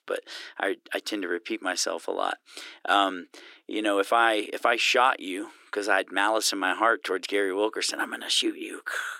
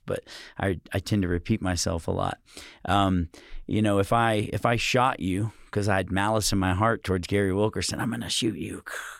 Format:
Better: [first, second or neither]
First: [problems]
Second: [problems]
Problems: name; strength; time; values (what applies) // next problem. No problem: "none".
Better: second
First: thin; very; fading below 300 Hz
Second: none